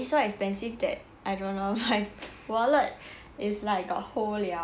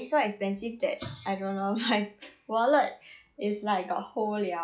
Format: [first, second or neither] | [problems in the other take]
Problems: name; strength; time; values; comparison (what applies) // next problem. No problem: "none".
first | noise reduction (classical method log-MMSE)